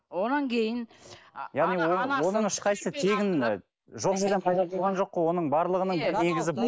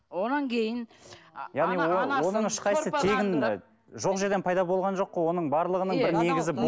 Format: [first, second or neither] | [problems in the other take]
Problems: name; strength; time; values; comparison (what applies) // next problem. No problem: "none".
second | noise reduction (neural mask model Resemble Enhance denoiser)